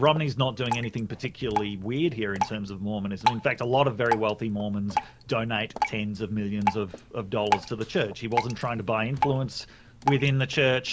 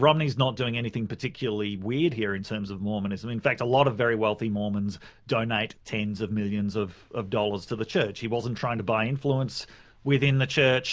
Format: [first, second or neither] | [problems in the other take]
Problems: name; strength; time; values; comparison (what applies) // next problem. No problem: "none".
second | background sound (Drip); 6 dB below the speech